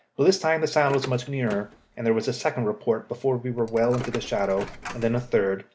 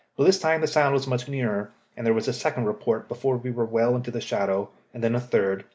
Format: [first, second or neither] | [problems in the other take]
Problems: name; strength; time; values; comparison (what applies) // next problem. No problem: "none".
second | background sound (Car + Coin (dropping)); 14 dB below the speech